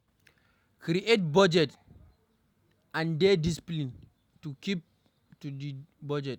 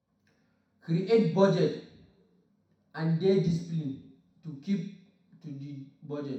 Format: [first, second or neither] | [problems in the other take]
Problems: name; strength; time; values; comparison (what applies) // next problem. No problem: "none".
first | room echo; dies away in 0.6 s